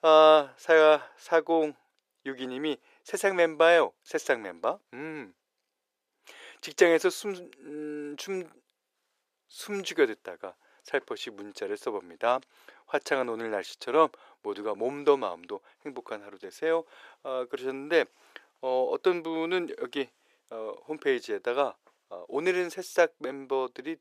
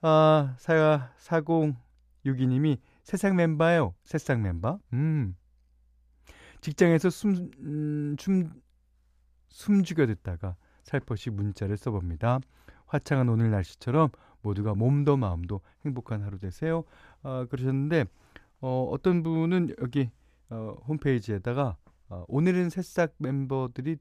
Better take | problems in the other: second | thin; very; fading below 400 Hz

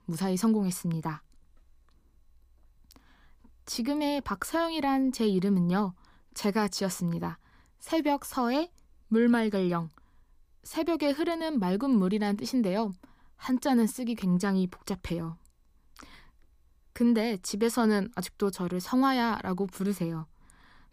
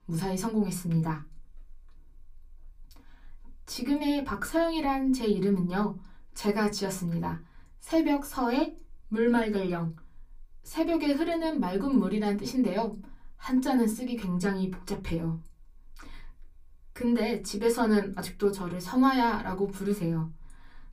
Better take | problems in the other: first | off-mic speech; far // room echo; very slight; dies away in 0.2 s

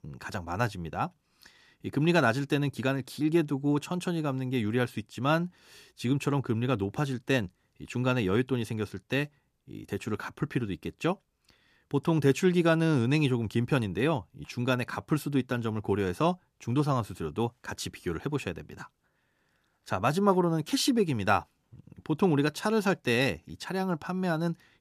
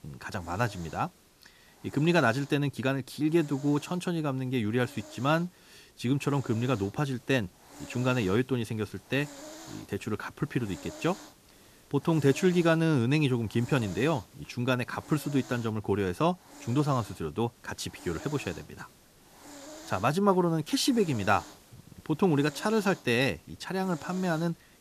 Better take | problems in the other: first | hiss; noticeable; throughout; 20 dB below the speech

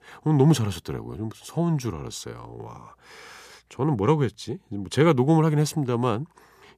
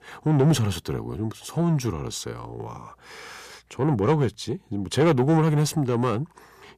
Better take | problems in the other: first | distortion; slight; 10 dB below the speech

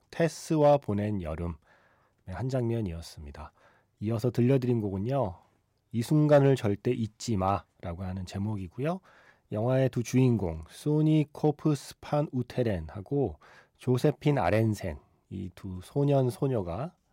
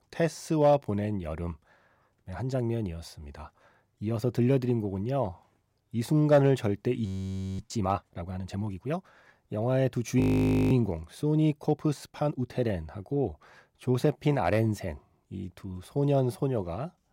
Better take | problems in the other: first | audio freezing; at 7 s for 0.5 s and at 10 s for 0.5 s

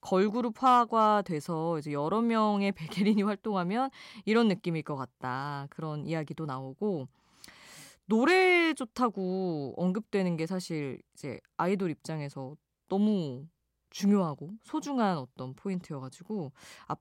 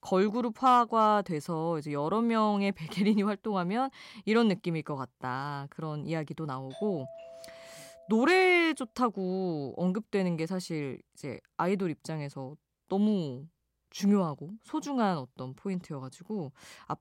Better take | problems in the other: first | doorbell; faint; from 6.5 to 8.5 s; peak 15 dB below the speech

